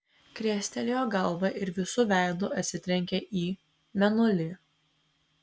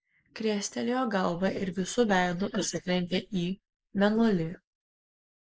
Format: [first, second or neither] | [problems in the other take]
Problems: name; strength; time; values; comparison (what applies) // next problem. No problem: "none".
first | noise reduction (neural mask model Resemble Enhance denoiser)